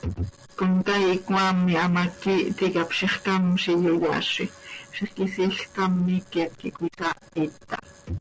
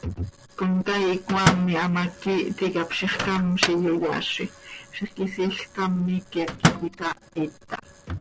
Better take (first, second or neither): first